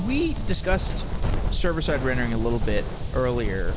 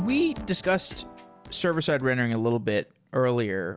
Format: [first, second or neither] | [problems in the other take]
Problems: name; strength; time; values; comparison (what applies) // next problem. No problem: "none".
second | background sound (Wind); 2 dB above the speech